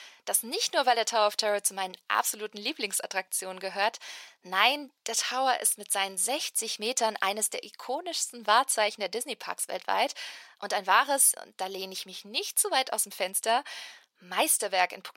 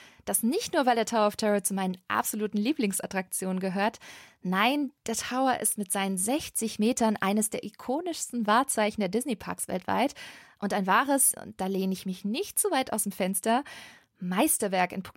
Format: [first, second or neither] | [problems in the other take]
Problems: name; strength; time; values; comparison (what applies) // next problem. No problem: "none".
second | thin; very; fading below 600 Hz